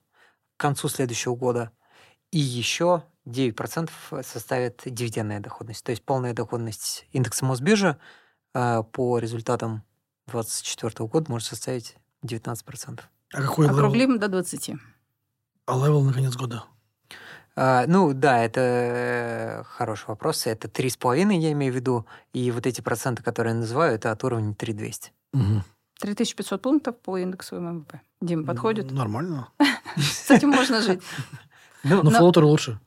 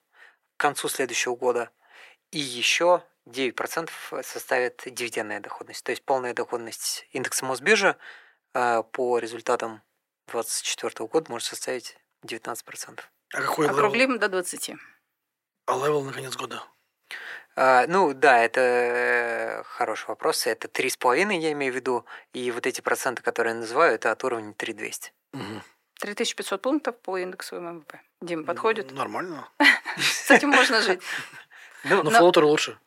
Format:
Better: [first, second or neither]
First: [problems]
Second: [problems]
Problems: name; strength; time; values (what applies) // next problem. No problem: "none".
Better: first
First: none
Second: thin; somewhat; fading below 450 Hz